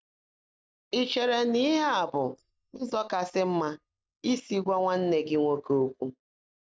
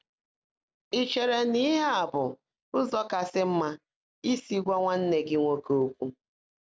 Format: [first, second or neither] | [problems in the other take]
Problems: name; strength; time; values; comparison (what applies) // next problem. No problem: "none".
second | noise reduction (neural mask model DeepFilterNet 3)